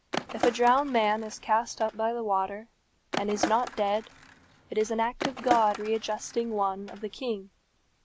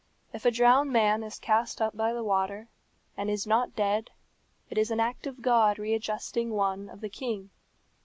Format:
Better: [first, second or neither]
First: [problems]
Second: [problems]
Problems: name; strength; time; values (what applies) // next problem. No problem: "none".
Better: second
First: background sound (Skateboard); 8 dB below the speech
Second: none